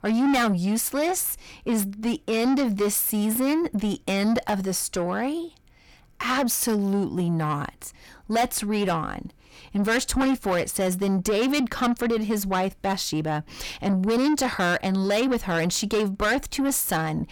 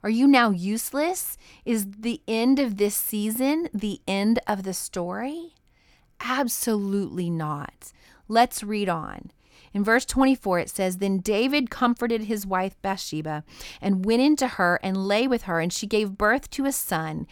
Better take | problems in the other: second | distortion; heavy; 7 dB below the speech

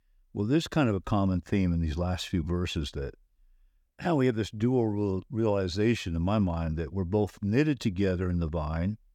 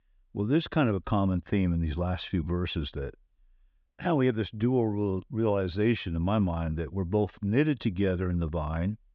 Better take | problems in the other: first | muffled; slightly; fading above 3.5 kHz

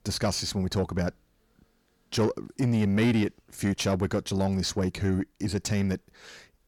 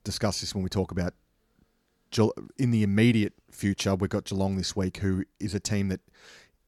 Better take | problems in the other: second | distortion; slight; 10 dB below the speech

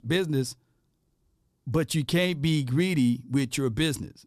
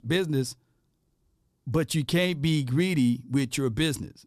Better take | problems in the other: neither | none

